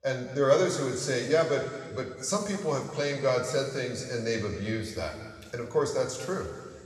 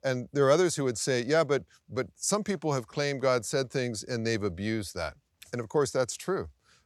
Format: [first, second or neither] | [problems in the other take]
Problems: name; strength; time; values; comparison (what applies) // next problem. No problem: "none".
second | room echo; noticeable; dies away in 2.1 s // off-mic speech; somewhat distant